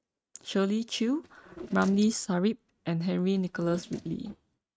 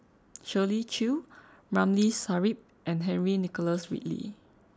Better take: second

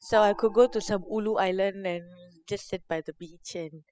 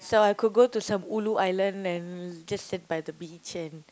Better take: second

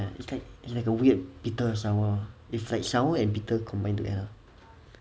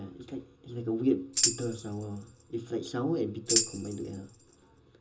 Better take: first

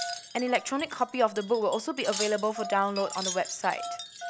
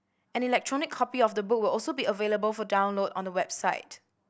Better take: second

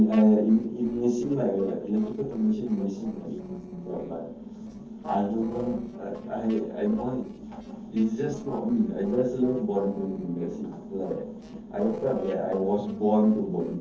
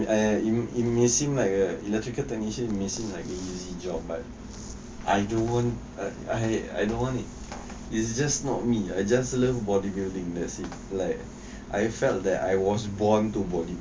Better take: second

